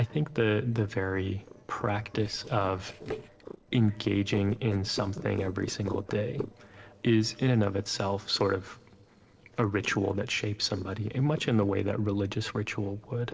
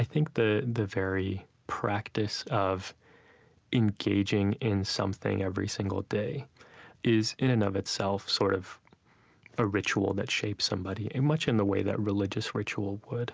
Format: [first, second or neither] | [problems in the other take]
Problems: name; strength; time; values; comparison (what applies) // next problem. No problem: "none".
second | noise reduction (neural separator model SepFormer DNS4)